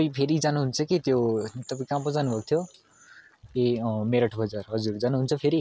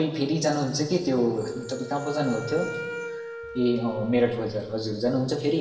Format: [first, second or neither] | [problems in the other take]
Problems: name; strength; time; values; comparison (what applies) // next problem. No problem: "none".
first | background sound (Wind instrument, woodwind instrument); 13 dB below the speech // room echo; dies away in 1.2 s